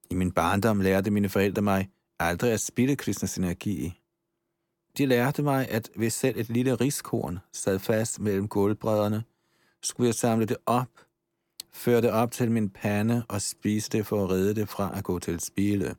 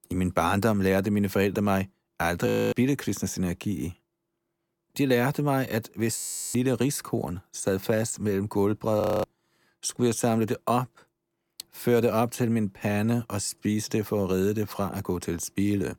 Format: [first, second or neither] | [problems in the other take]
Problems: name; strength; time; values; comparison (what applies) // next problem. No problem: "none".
first | audio freezing; at 2.5 s, at 6 s and at 9 s